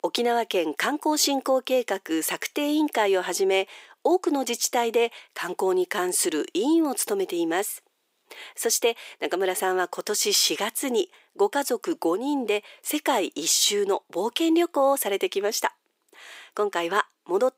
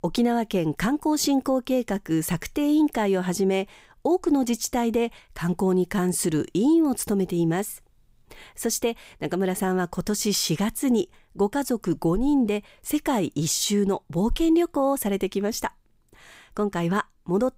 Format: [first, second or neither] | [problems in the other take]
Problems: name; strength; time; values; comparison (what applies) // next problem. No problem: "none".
second | thin; somewhat; fading below 350 Hz